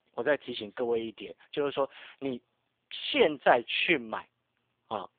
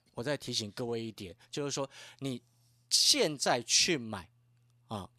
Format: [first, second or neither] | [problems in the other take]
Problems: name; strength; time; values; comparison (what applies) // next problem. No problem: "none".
second | phone-call audio; poor line